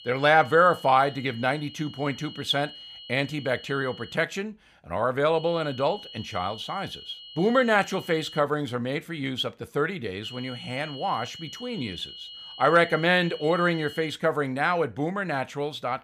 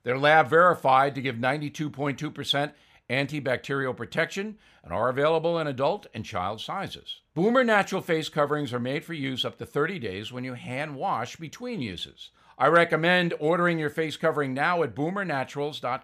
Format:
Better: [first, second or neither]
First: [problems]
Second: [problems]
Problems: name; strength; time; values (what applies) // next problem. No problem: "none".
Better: second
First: high-pitched whine; noticeable; until 4 s, from 5.5 to 8.5 s and from 10 to 14 s; 3 kHz, 15 dB below the speech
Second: none